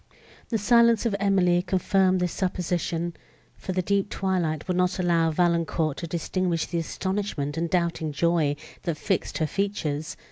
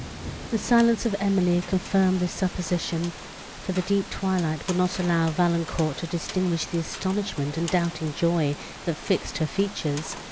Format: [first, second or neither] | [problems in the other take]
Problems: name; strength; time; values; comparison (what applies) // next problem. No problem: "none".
first | background sound (Rain); 13 dB below the speech